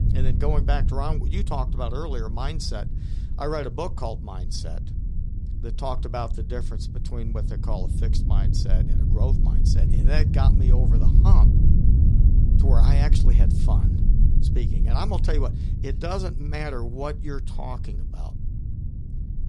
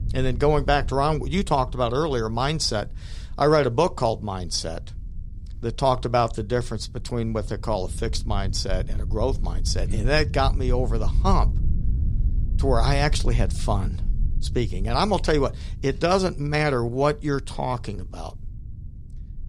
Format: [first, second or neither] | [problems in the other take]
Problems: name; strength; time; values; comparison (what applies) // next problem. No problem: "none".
second | low rumble; loud; throughout; 6 dB below the speech; faint in the second